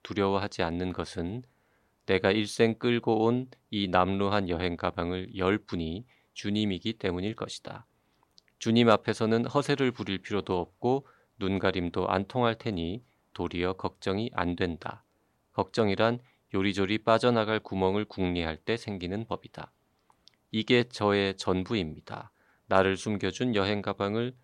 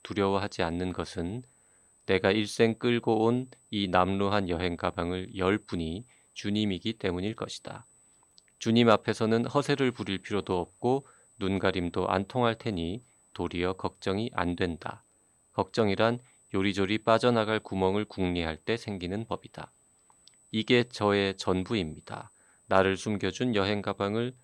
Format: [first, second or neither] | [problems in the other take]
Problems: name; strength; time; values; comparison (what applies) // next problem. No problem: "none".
first | high-pitched whine; faint; throughout; 8 kHz, 30 dB below the speech